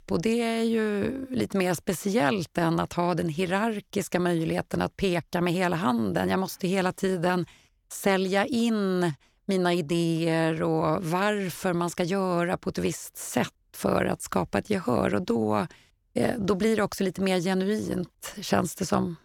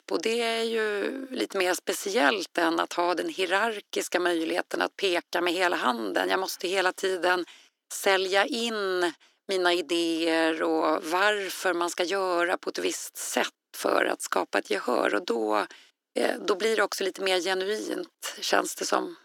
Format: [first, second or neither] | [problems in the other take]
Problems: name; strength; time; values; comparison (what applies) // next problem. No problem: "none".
first | thin; somewhat; fading below 300 Hz